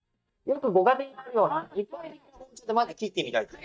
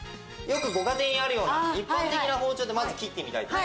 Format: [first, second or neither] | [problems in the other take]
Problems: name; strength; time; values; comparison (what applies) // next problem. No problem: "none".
second | noise reduction (neural mask model DeepFilterNet 3)